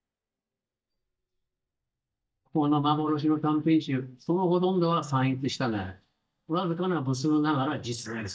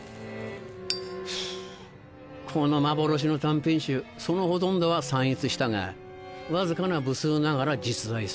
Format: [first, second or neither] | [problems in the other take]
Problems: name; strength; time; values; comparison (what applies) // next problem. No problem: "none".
second | noise reduction (neural mask model DeepFilterNet 3)